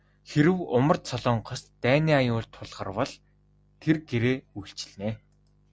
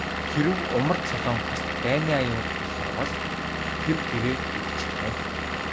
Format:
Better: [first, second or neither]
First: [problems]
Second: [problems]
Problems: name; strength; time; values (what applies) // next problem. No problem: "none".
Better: first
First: none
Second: background sound (Engine / Vehicle); as loud as the speech